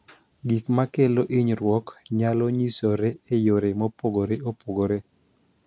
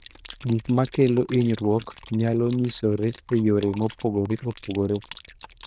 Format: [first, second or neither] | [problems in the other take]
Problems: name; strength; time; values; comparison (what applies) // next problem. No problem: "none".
first | noise reduction (neural diffusion model UNIVERSE++)